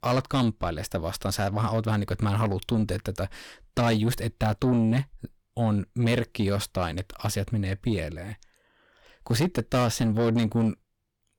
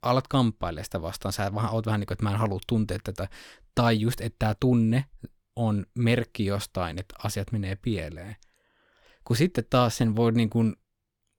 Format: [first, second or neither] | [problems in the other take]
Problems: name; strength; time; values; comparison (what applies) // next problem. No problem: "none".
second | distortion; slight; 10 dB below the speech